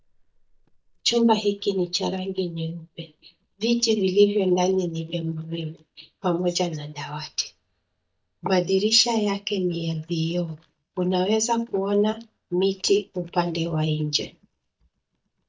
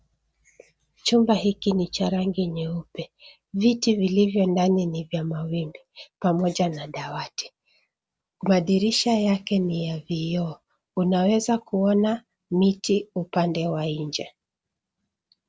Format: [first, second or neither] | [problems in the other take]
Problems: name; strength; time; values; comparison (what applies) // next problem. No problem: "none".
second | noise reduction (neural mask model DeepFilterNet 3)